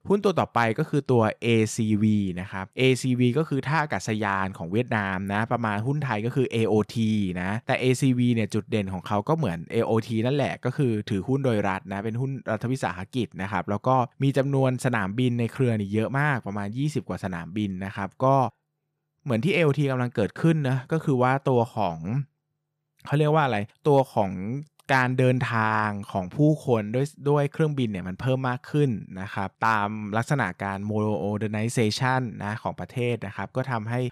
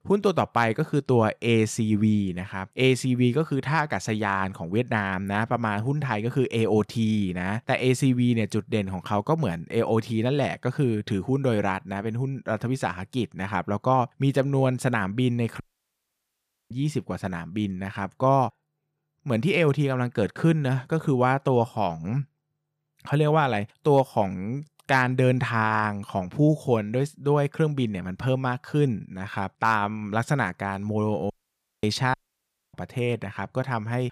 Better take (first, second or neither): first